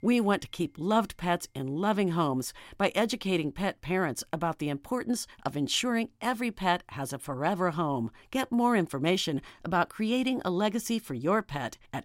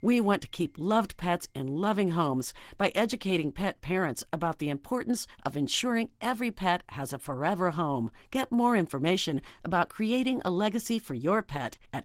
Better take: first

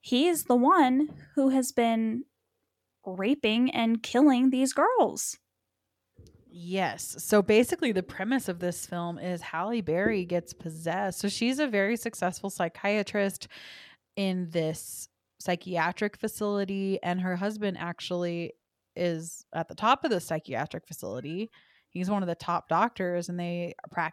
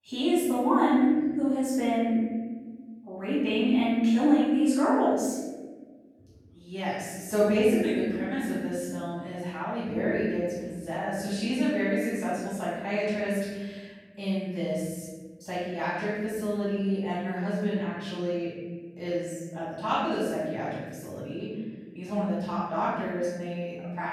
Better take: first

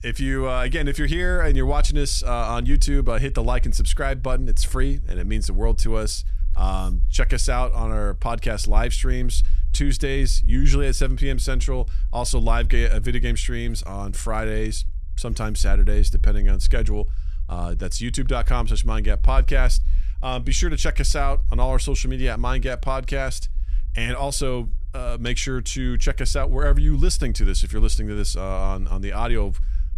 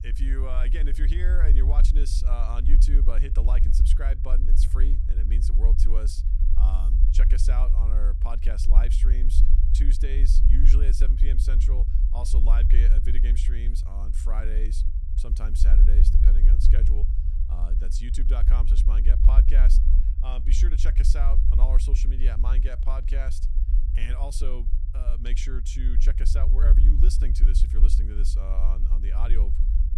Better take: first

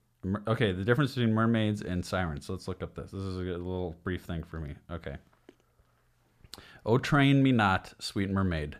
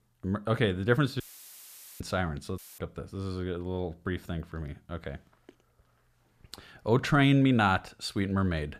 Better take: first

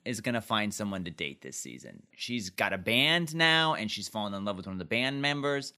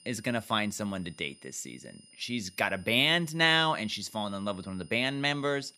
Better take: first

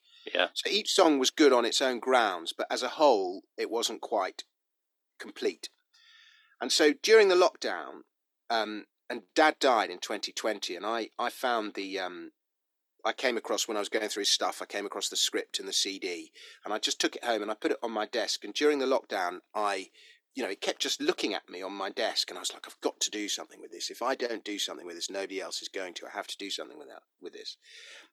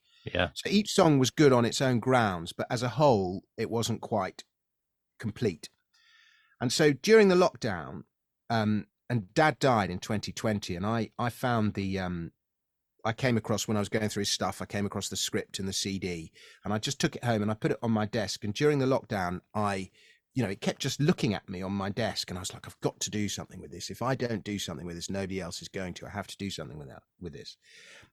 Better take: second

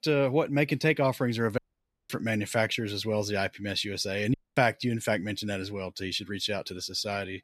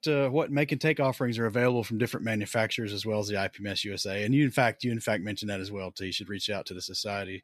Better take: second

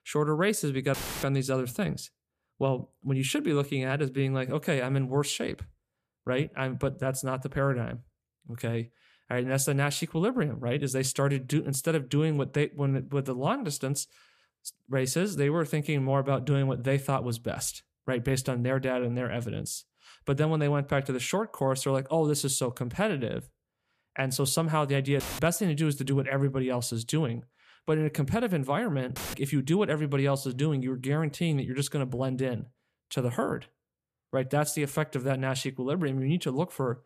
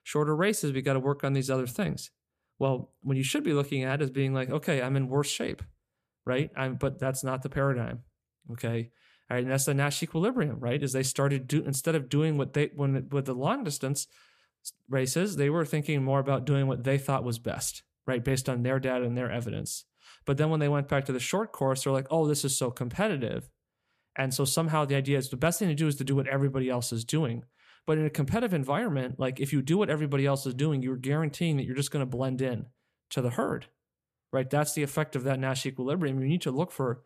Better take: second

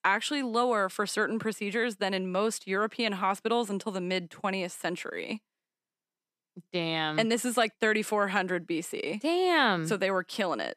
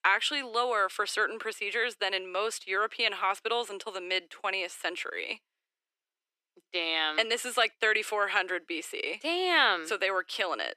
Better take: first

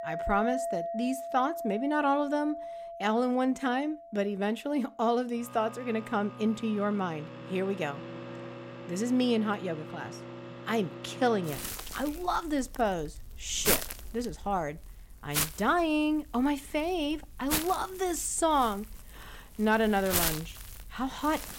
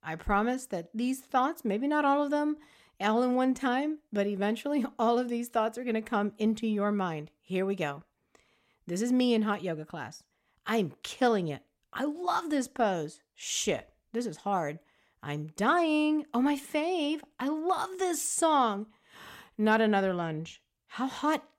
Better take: second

